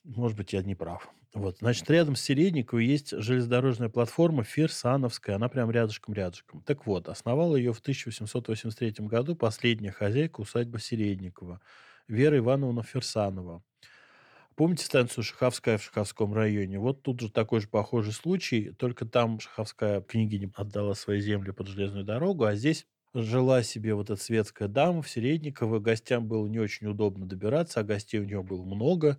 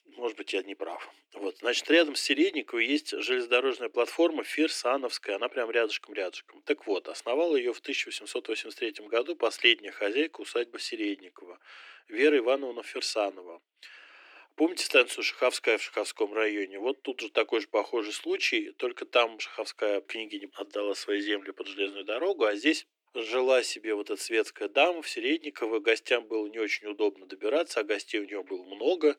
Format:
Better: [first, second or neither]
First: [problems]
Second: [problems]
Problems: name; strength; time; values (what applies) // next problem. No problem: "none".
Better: first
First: none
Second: thin; somewhat; fading below 300 Hz